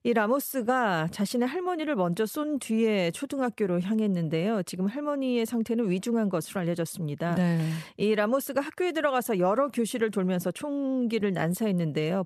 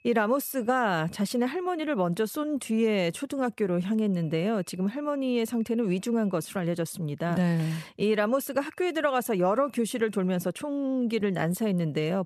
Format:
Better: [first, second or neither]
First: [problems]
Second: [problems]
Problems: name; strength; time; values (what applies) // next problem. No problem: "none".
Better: first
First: none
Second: high-pitched whine; faint; until 2 s, from 4 to 6.5 s and from 8 to 10 s; 2.5 kHz, 35 dB below the speech